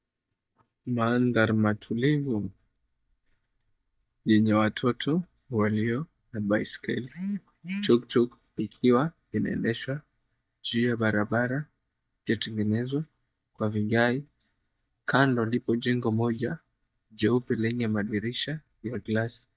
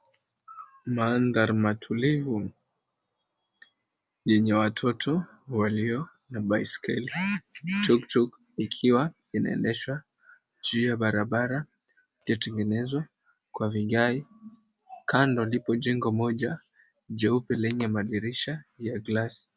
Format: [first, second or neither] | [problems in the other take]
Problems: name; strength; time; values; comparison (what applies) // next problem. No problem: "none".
second | noise reduction (neural mask model DeepFilterNet 3)